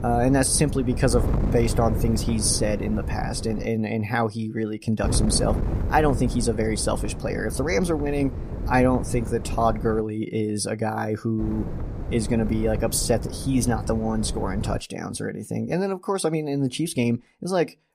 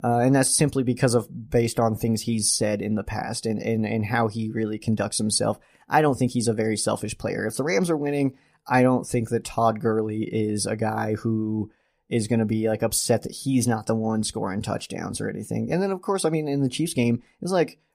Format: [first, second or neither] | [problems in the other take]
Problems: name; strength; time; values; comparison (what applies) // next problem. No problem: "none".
second | wind noise on the microphone; occasional gusts; until 3.5 s, from 5 to 10 s and from 11 to 15 s; 10 dB below the speech